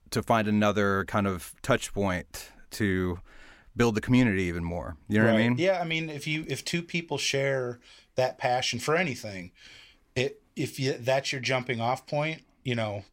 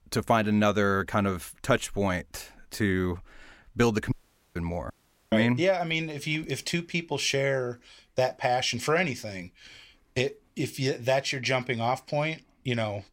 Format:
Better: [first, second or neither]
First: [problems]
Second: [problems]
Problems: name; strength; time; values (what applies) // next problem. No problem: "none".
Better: first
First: none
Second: audio cutting out; at 4 s and at 5 s